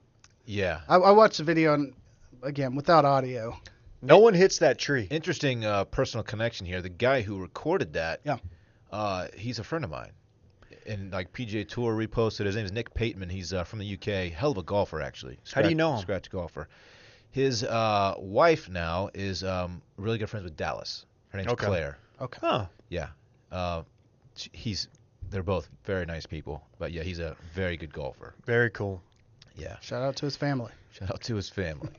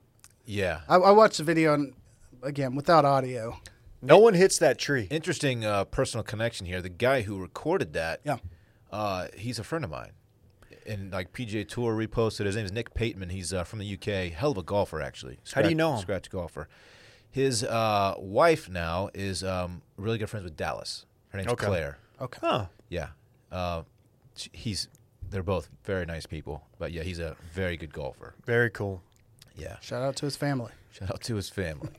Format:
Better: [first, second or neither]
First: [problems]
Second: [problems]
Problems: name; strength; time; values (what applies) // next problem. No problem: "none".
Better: second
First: garbled, watery; slightly; nothing above 6.5 kHz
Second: none